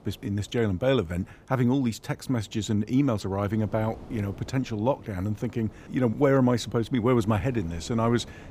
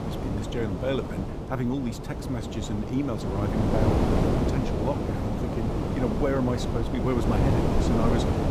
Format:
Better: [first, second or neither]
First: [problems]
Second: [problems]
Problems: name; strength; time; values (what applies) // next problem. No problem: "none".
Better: first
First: wind noise on the microphone; occasional gusts; 25 dB below the speech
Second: wind noise on the microphone; heavy; 1 dB above the speech